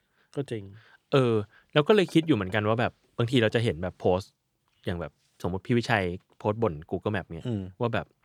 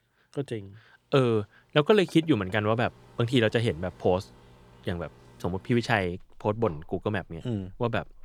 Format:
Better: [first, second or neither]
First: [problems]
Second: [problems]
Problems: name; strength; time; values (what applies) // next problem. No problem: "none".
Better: first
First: none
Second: household noises; faint; throughout; 25 dB below the speech